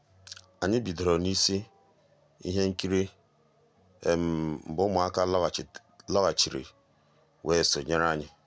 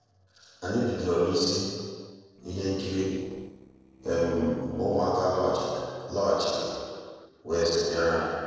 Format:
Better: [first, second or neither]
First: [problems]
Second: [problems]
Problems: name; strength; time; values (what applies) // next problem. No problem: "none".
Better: first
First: none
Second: noise reduction (neural separator model SepFormer DNS4)